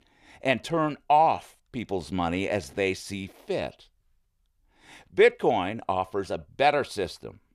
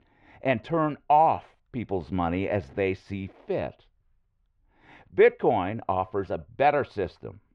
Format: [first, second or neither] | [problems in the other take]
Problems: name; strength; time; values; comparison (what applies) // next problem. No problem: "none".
first | muffled; very; fading above 2 kHz